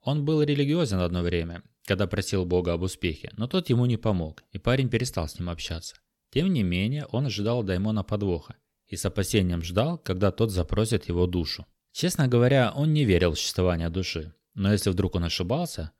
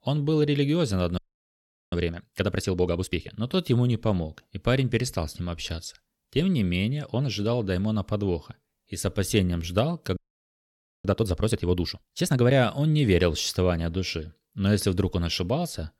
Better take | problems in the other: first | audio freezing; at 1 s for 0.5 s and at 10 s for 1 s

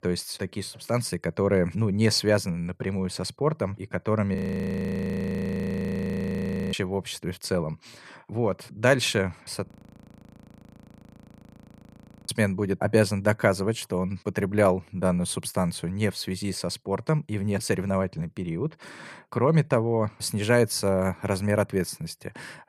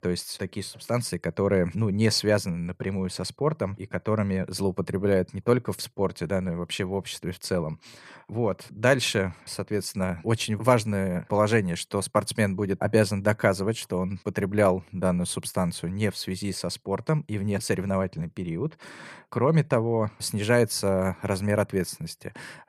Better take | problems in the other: second | audio freezing; at 4.5 s for 2.5 s and at 9.5 s for 2.5 s

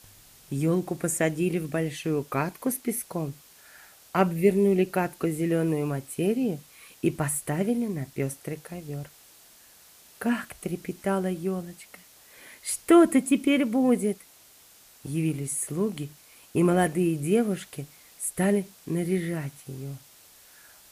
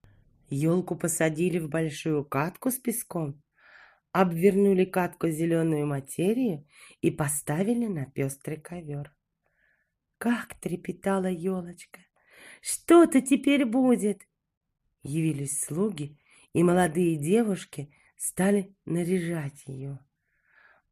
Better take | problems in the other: second | hiss; faint; throughout; 25 dB below the speech

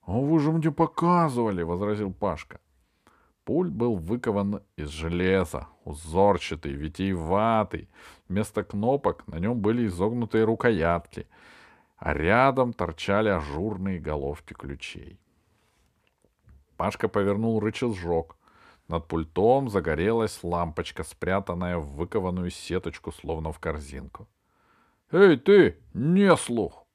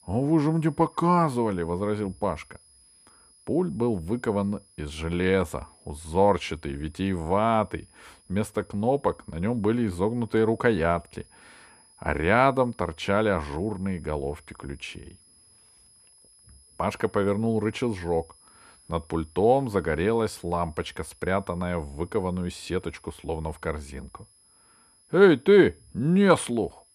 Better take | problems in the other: first | high-pitched whine; faint; throughout; 10.5 kHz, 30 dB below the speech

